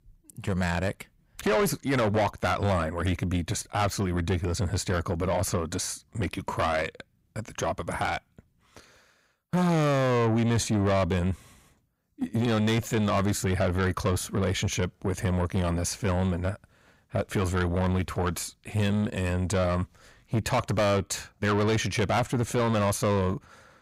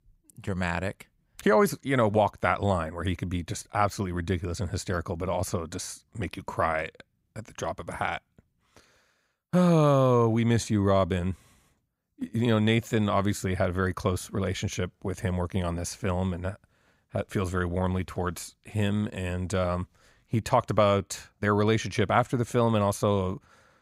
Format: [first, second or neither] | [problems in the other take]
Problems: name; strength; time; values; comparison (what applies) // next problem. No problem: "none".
second | distortion; heavy; 7 dB below the speech